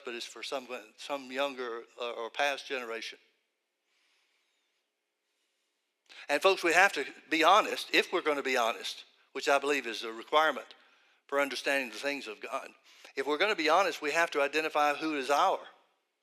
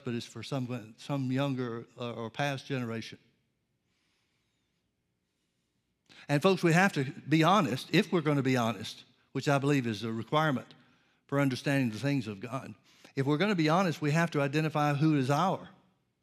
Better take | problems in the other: second | thin; very; fading below 400 Hz

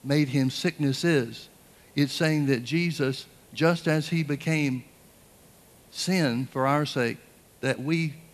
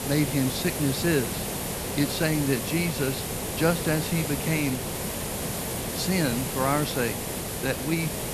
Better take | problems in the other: first | hiss; loud; throughout; 3 dB below the speech; faint in the first

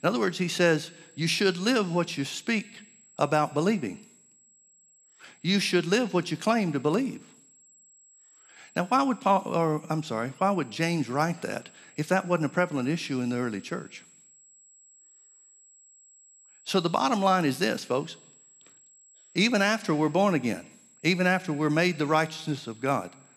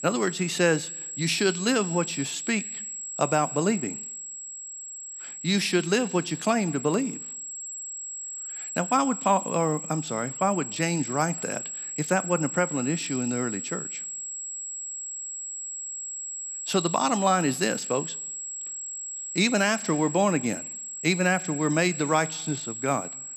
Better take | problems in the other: first | high-pitched whine; loud; throughout; 7.5 kHz, 7 dB below the speech; faint in the first

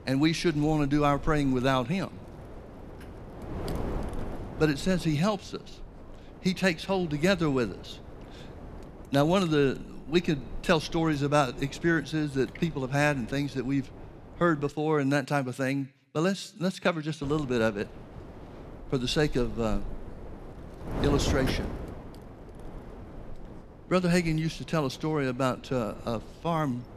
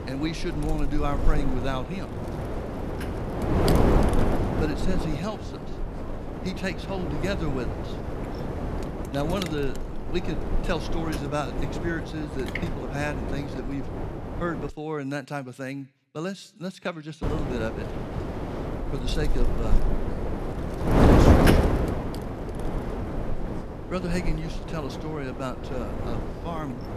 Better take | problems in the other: first | wind noise on the microphone; heavy; until 15 s and from 17 s on; 2 dB above the speech; occasional gusts in the first

